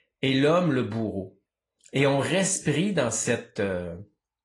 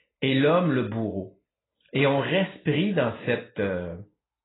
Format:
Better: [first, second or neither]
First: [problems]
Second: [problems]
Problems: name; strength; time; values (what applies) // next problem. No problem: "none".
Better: first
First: garbled, watery; slightly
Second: garbled, watery; badly; nothing above 4 kHz